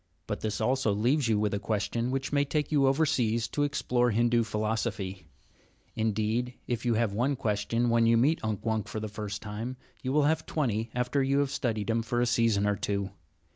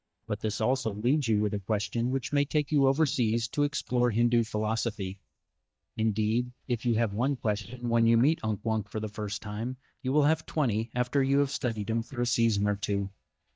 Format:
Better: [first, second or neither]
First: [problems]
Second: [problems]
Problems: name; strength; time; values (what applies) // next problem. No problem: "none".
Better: first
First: none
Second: noise reduction (neural mask model DeepFilterNet 3)